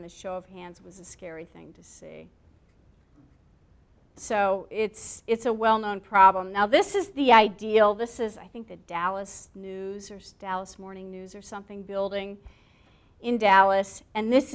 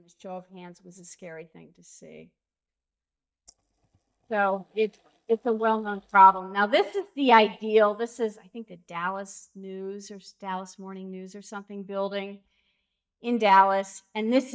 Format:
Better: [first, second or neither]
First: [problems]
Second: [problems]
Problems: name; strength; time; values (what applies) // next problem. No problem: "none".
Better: first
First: none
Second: noise reduction (neural mask model DeepFilterNet 3)